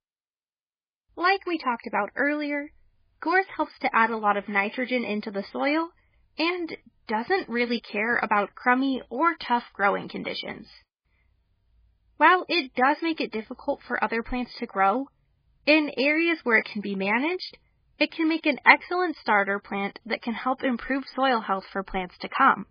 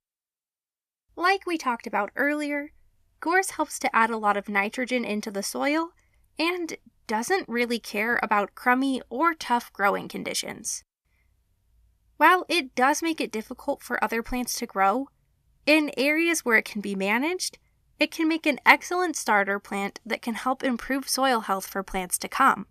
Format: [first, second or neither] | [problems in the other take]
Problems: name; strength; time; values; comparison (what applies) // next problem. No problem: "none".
second | garbled, watery; badly; nothing above 4.5 kHz